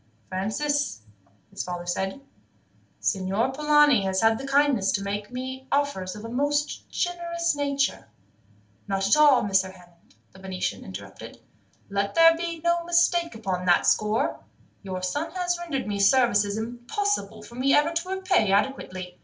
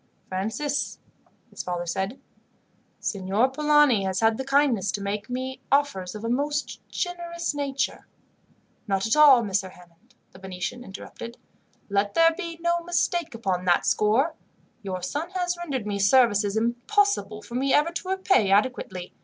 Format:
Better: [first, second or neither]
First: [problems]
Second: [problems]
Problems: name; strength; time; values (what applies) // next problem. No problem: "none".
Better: second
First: room echo; dies away in 0.2 s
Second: none